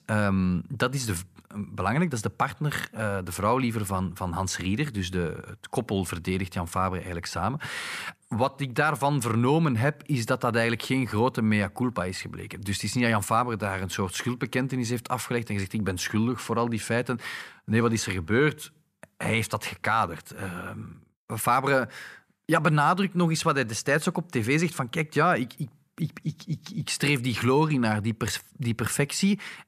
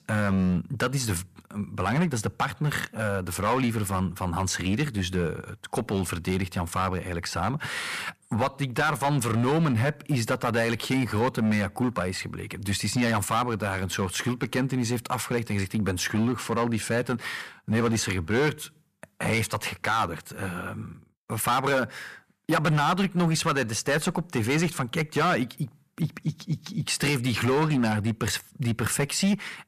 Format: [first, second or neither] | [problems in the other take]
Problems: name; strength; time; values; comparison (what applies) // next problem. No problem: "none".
first | distortion; slight; 7% of the sound clipped